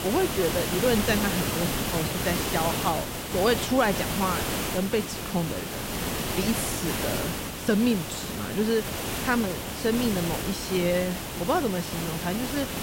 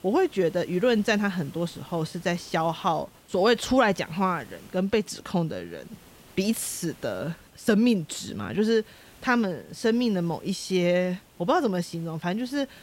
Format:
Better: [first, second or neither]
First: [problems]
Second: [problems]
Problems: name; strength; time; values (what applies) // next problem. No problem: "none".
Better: second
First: hiss; loud; throughout; 2 dB below the speech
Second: hiss; faint; throughout; 25 dB below the speech